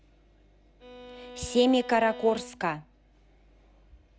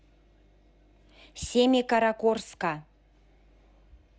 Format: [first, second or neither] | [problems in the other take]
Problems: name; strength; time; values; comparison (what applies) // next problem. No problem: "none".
second | background sound (Bowed string instrument); 15 dB below the speech